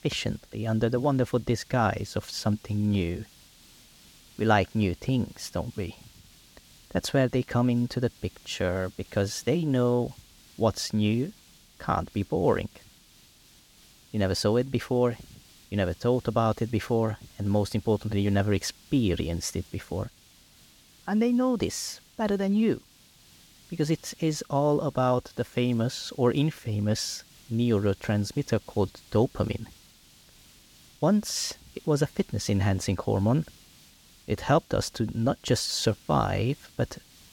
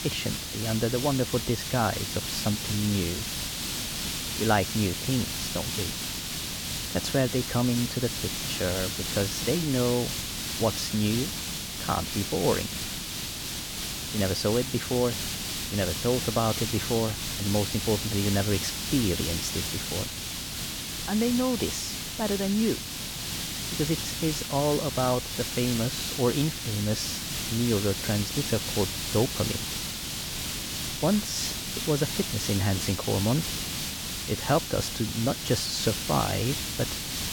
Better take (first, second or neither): first